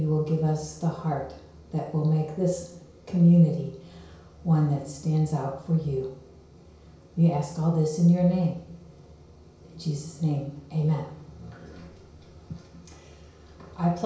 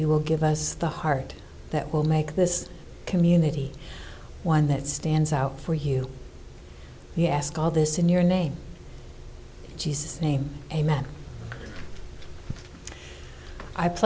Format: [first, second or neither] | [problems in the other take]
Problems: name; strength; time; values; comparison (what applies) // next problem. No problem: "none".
second | room echo; dies away in 0.6 s